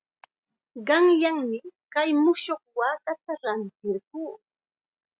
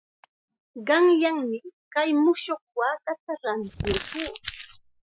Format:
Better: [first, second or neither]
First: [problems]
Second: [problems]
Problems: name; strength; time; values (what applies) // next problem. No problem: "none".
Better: first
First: none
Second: noise reduction (classical method Wiener filter)